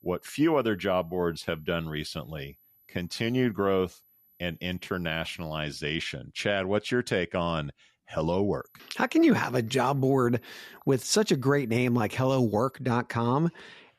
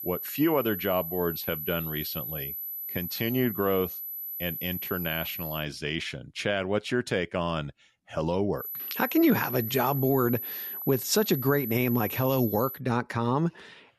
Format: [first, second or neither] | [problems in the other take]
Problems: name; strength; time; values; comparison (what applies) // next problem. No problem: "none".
first | high-pitched whine; loud; until 5.5 s and from 8.5 to 13 s; 12 kHz, 5 dB below the speech; faint in the first